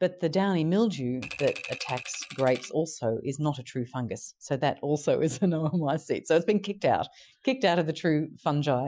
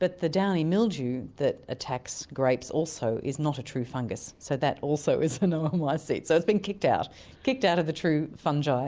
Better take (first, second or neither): second